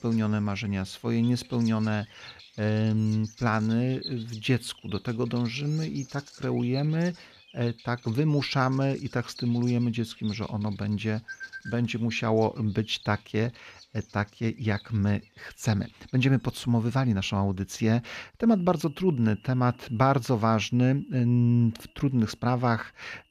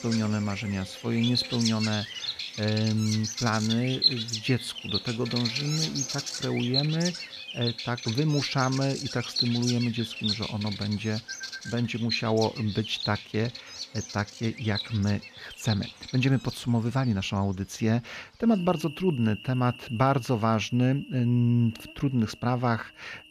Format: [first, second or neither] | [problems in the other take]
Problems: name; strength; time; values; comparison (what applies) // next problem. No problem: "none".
first | animal sounds; loud; throughout; 4 dB below the speech; faint in the first